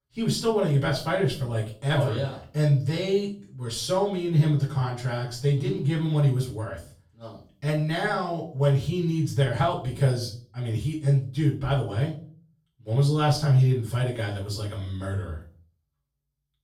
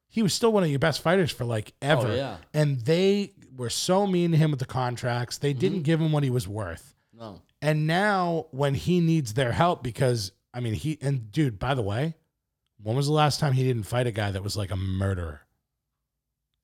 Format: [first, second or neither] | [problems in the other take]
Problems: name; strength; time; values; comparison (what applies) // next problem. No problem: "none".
second | off-mic speech; far // room echo; slight; dies away in 0.4 s